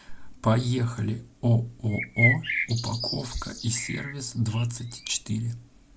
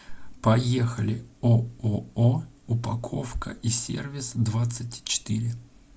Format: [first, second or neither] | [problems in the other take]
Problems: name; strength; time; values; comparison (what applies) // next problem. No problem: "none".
second | background sound (Bird); 4 dB below the speech